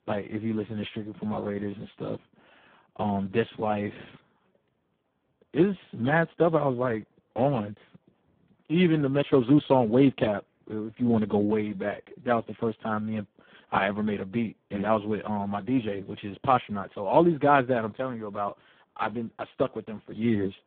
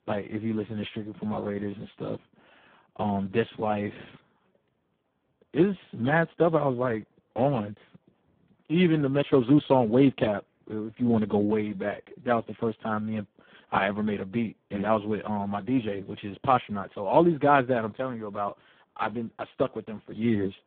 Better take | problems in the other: neither | phone-call audio; poor line; the same in both

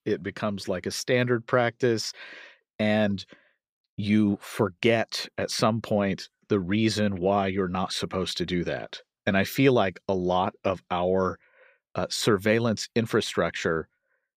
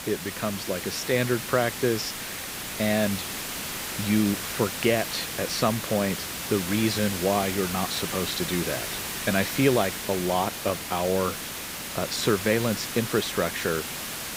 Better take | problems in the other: first | hiss; loud; throughout; 4 dB below the speech

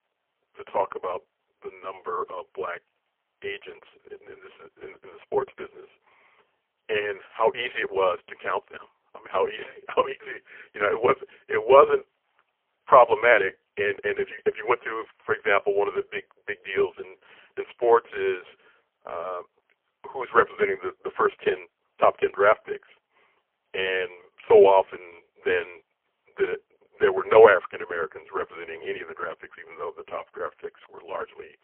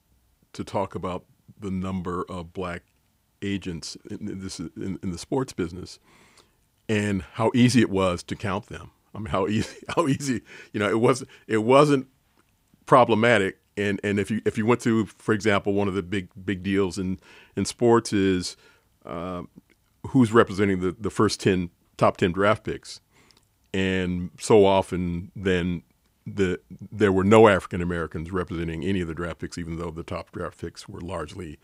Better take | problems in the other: second | phone-call audio; poor line; nothing above 3 kHz

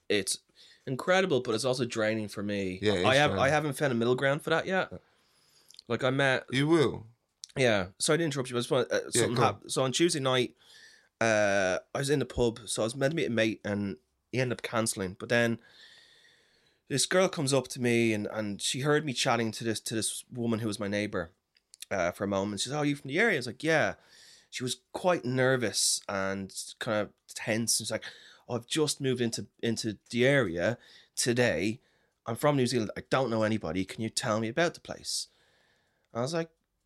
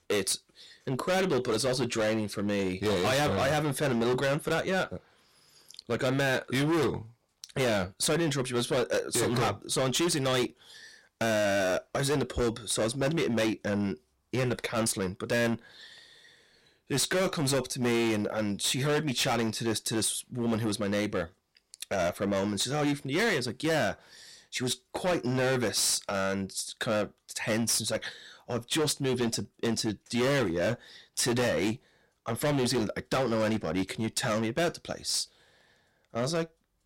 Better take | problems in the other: first | distortion; heavy; 16% of the sound clipped

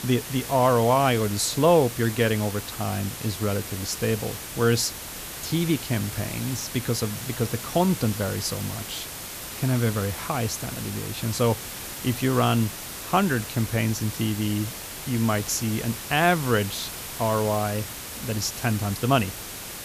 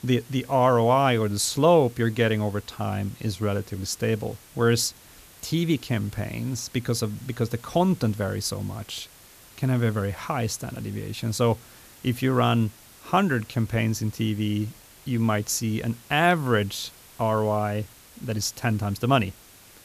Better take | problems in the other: second | hiss; loud; throughout; 8 dB below the speech; faint in the second

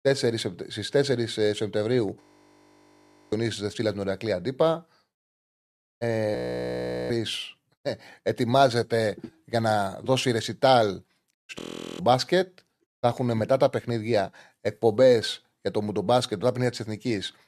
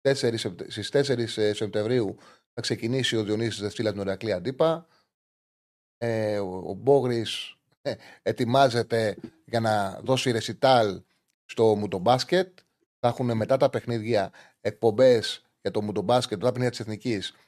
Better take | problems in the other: second | audio freezing; at 2 s for 1 s, at 6.5 s for 1 s and at 12 s

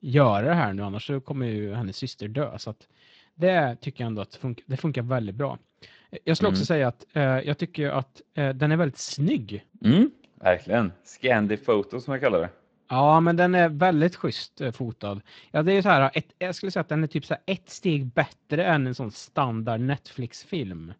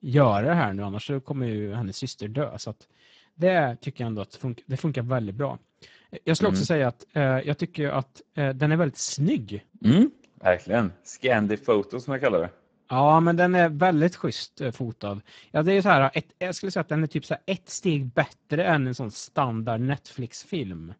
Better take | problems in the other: first | garbled, watery; badly; nothing above 7.5 kHz; slightly in the first

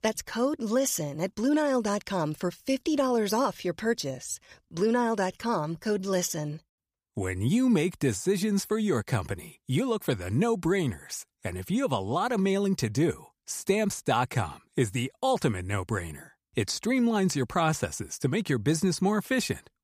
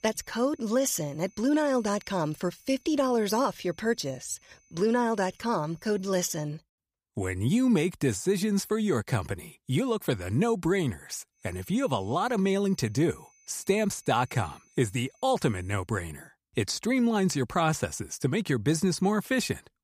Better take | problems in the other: first | high-pitched whine; faint; until 6.5 s and from 11 to 16 s; 6 kHz, 30 dB below the speech

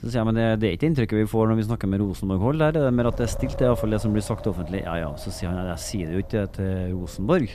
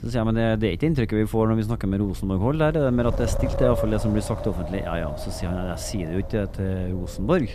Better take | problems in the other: first | wind noise on the microphone; heavy; 6 dB below the speech; occasional gusts in the first

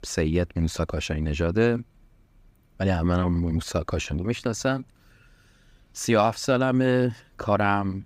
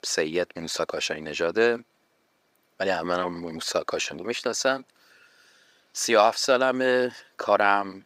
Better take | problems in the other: first | thin; somewhat; fading below 500 Hz

